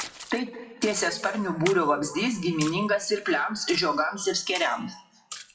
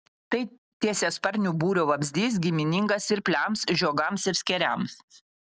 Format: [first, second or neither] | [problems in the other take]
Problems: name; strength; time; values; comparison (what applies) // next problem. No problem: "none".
second | noise reduction (classical method WPE with log-MMSE)